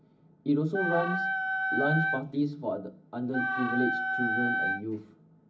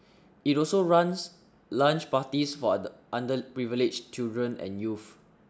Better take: second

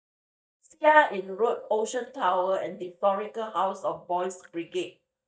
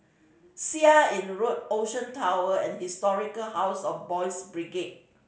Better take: second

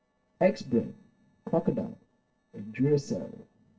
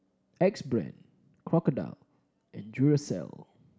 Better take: second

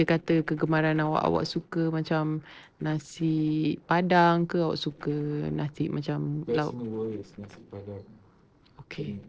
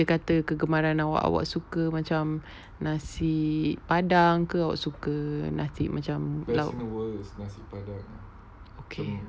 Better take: second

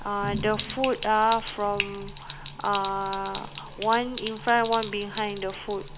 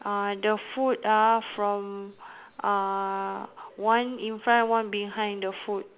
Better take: second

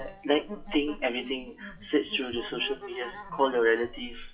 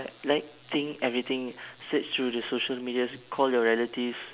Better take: second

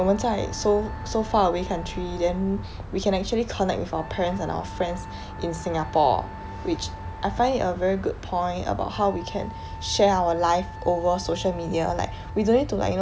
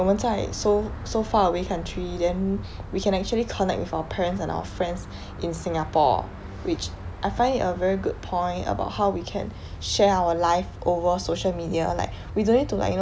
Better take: second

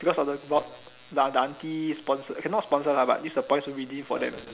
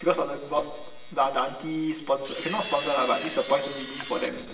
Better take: first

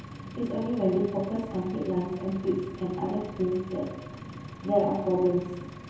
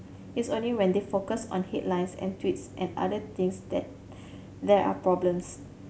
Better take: second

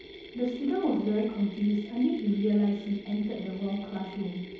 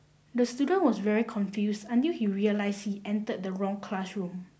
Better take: second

